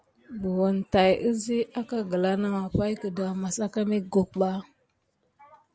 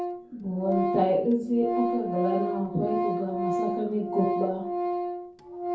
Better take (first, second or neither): first